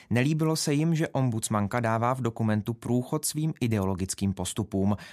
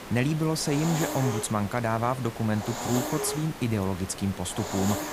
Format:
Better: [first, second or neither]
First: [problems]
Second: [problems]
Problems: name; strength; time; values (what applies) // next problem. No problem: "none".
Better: first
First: none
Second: hiss; loud; throughout; 7 dB below the speech